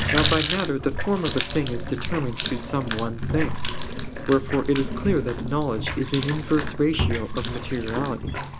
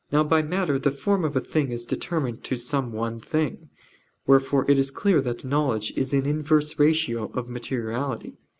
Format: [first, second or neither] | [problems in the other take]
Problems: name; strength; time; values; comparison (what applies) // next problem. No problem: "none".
second | background sound (Water tap, faucet); 2 dB below the speech